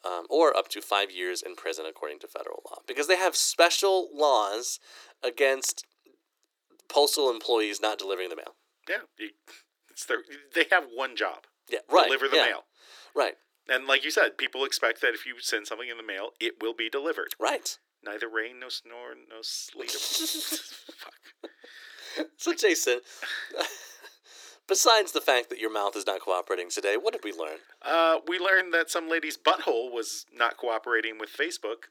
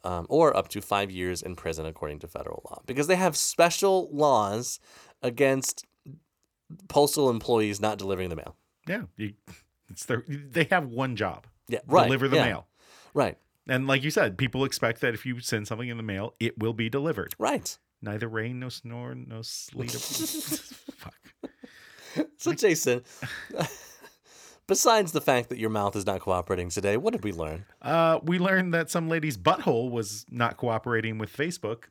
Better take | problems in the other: second | thin; very; fading below 350 Hz

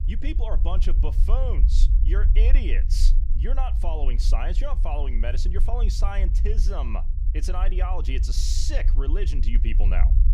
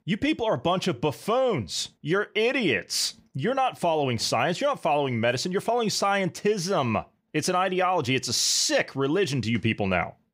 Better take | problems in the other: second | low rumble; noticeable; throughout; 10 dB below the speech

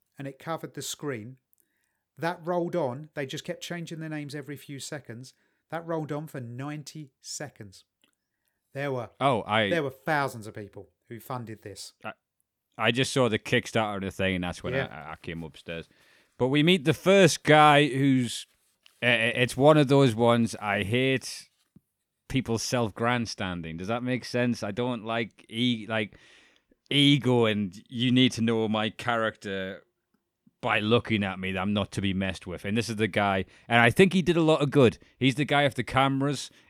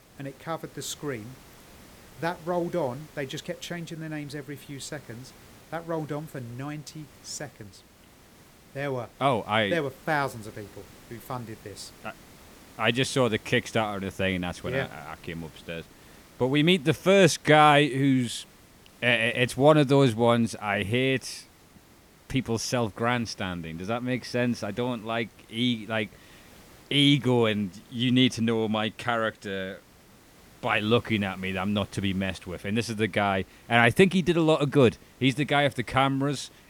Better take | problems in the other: first | hiss; faint; throughout; 25 dB below the speech

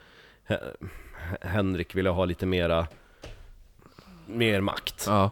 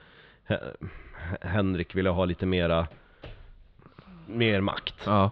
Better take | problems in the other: first | muffled; slightly; fading above 4 kHz

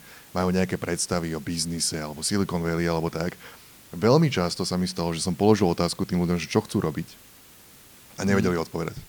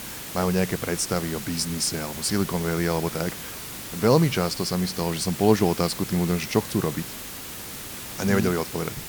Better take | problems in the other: first | hiss; loud; throughout; 9 dB below the speech; faint in the first

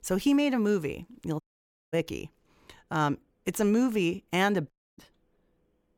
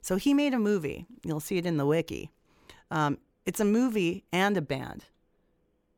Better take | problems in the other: second | audio cutting out; at 1.5 s for 0.5 s and at 4.5 s

